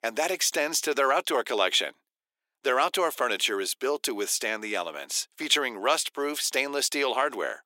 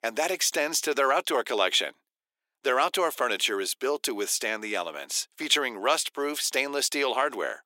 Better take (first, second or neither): neither